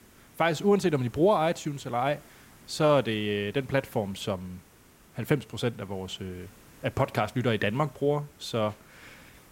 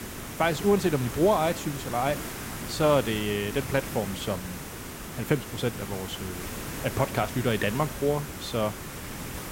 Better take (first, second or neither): first